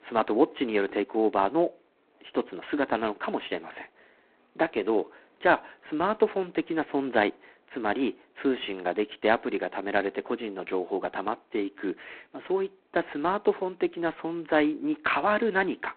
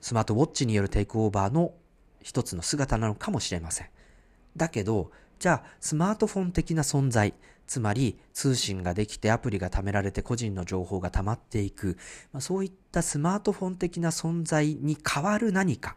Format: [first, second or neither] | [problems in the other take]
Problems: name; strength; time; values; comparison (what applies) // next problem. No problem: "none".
second | phone-call audio; poor line; nothing above 4 kHz